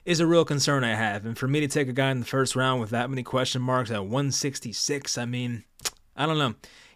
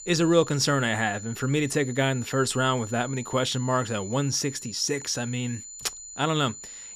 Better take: first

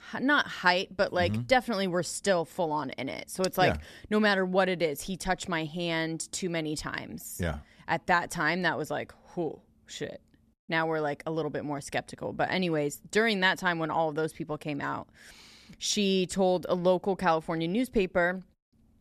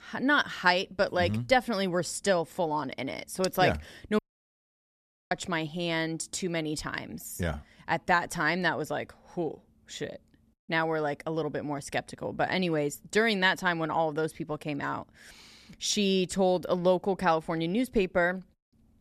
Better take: first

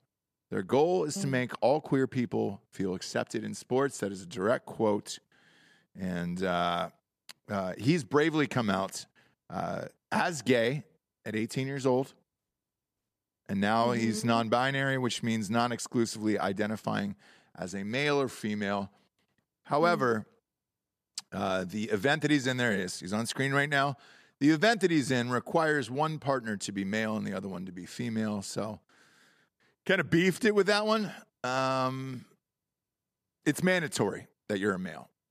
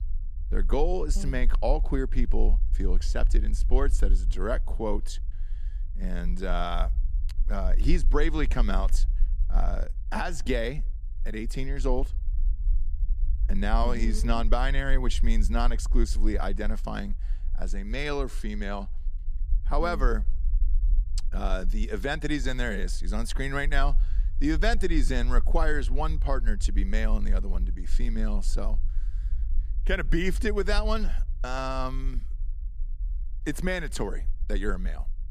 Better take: first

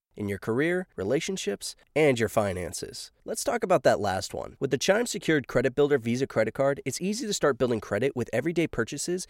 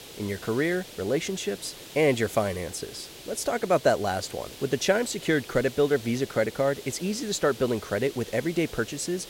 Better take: first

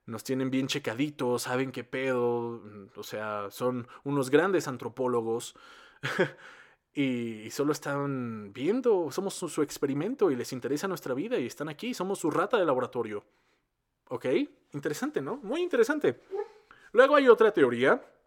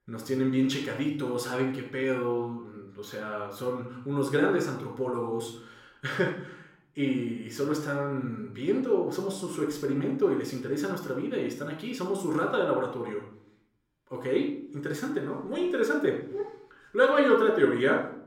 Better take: first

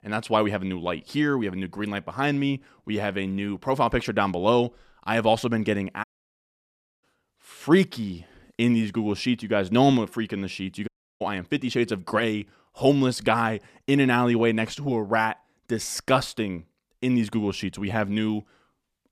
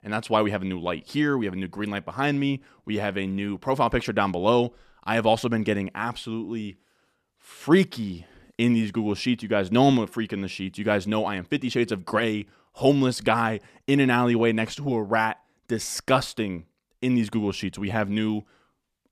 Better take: second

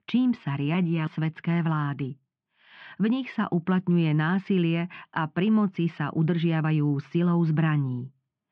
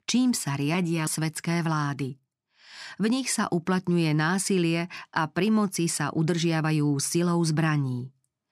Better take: second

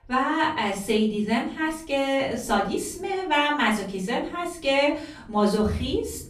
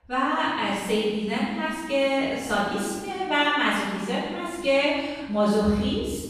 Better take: first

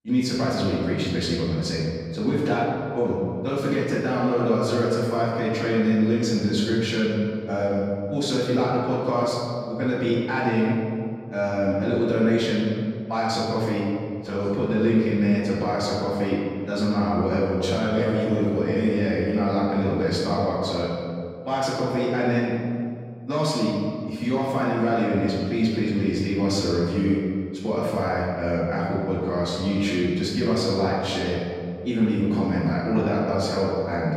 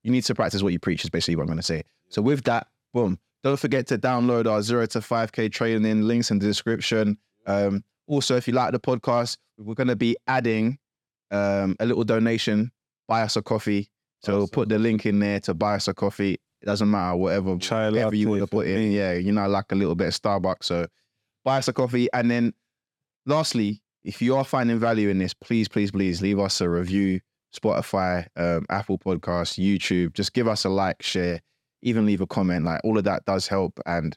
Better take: second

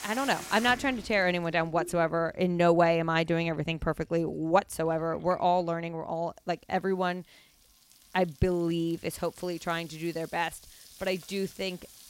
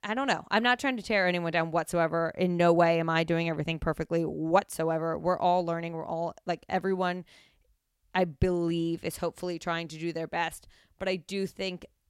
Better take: second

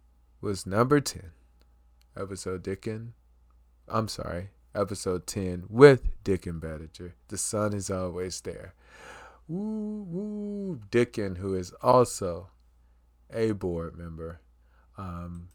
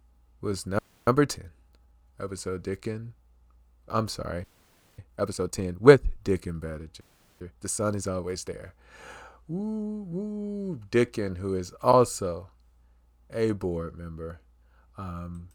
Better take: first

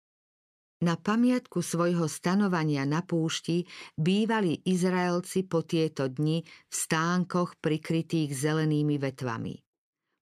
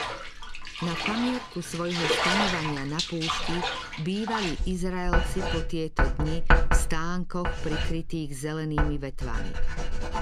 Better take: first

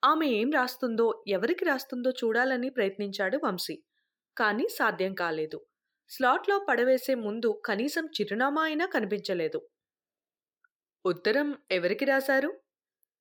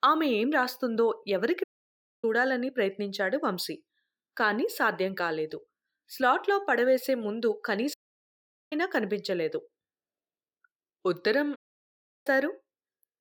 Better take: first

